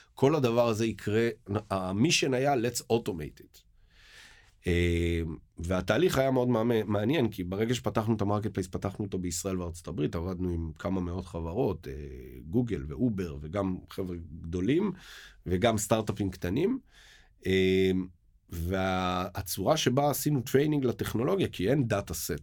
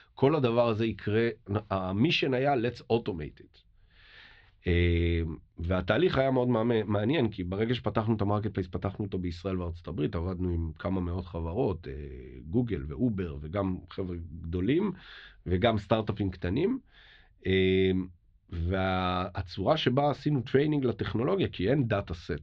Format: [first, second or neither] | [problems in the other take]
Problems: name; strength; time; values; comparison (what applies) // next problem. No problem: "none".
first | muffled; slightly; fading above 4 kHz